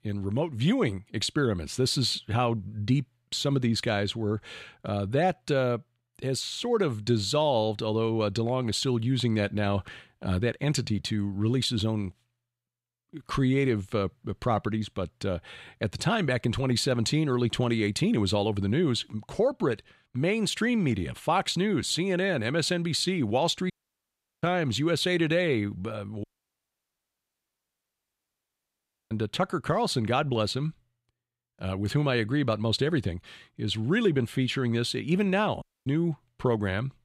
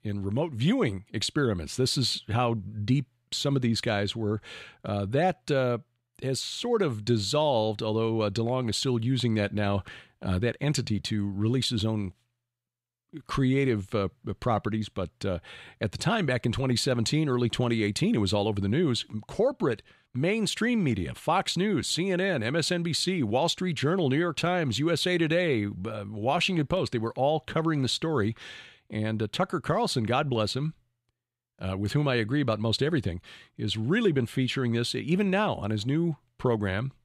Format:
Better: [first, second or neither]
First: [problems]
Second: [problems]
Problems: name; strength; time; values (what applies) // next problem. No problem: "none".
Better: second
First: audio cutting out; at 24 s for 0.5 s, at 26 s for 3 s and at 36 s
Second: none